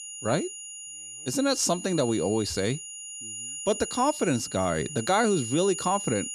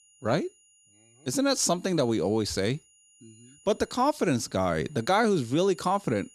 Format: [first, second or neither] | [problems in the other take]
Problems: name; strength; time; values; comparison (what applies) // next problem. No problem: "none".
second | high-pitched whine; loud; throughout; 7 kHz, 9 dB below the speech; faint in the second